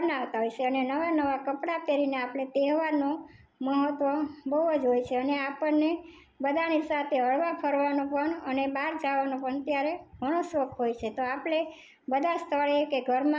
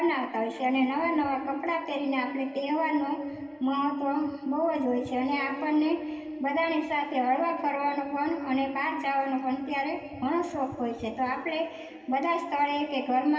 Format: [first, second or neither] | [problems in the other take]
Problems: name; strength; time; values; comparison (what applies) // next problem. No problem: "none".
first | room echo; dies away in 2.5 s